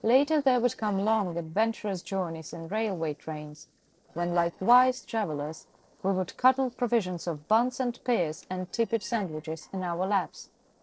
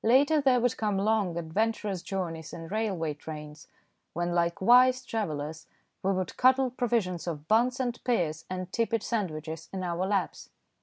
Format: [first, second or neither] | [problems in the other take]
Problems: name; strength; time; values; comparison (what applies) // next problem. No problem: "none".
second | noise reduction (neural separator model SepFormer DNS4)